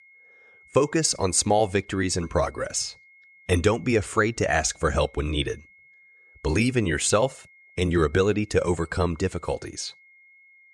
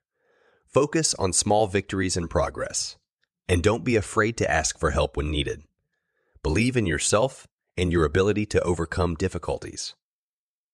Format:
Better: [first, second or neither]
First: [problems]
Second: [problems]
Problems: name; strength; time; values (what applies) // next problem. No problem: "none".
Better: second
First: high-pitched whine; faint; throughout; 2 kHz, 30 dB below the speech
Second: none